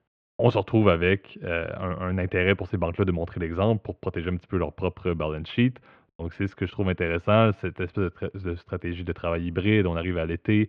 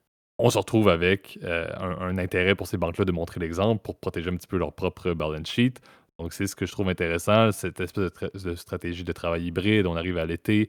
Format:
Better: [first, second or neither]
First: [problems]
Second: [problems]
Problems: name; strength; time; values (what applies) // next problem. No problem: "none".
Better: second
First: muffled; very; fading above 3 kHz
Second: none